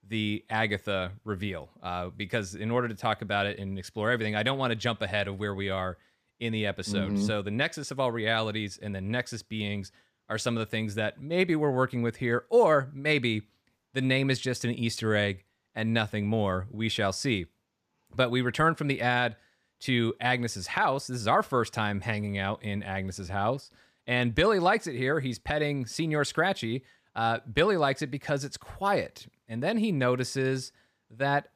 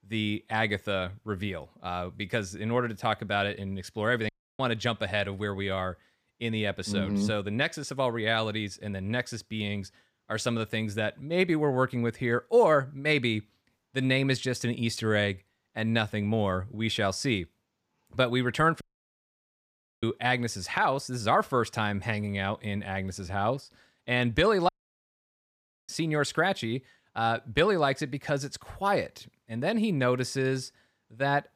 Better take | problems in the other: first | audio cutting out; at 4.5 s, at 19 s for 1 s and at 25 s for 1 s

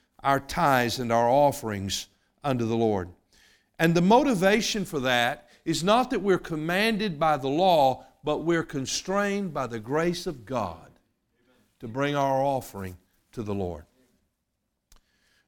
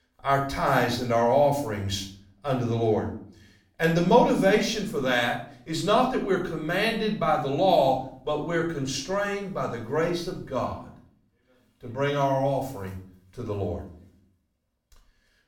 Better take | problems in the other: first | off-mic speech; somewhat distant // room echo; slight; dies away in 0.5 s

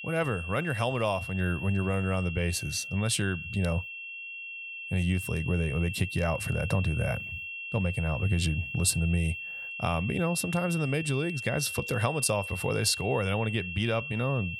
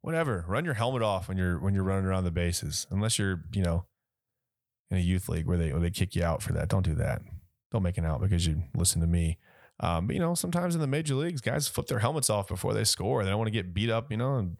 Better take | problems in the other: second | high-pitched whine; loud; throughout; 2.5 kHz, 7 dB below the speech

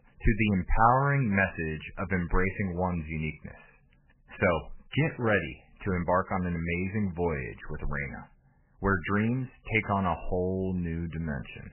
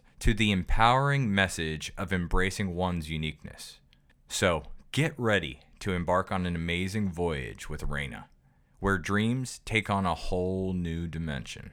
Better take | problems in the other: second | garbled, watery; badly; nothing above 3 kHz

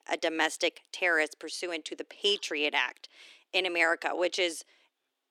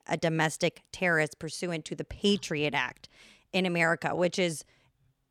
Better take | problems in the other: second | thin; very; fading below 300 Hz

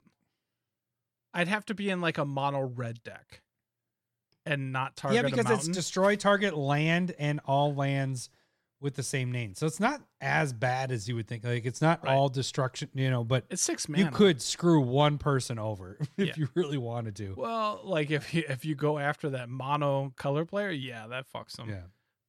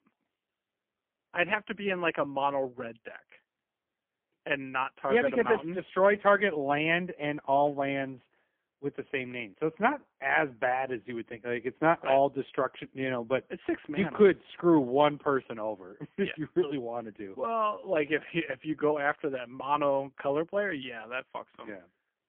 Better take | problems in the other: first | phone-call audio; poor line; nothing above 3 kHz

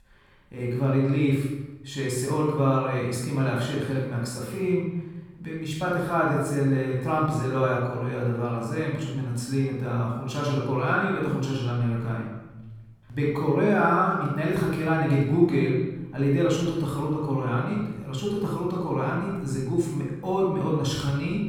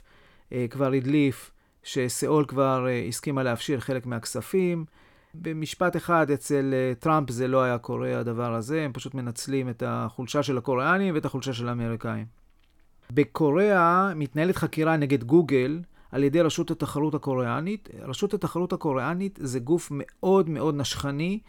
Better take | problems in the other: second | off-mic speech; far // room echo; noticeable; dies away in 1 s

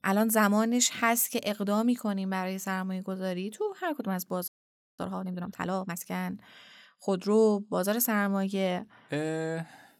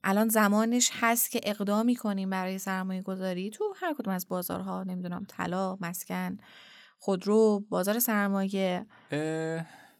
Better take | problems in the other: second | audio freezing; at 4.5 s for 0.5 s

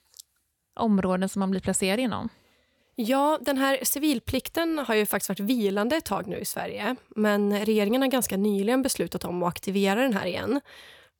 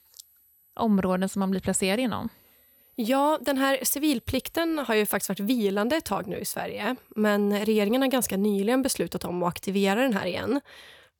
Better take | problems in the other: first | high-pitched whine; faint; until 9 s; 12 kHz, 30 dB below the speech

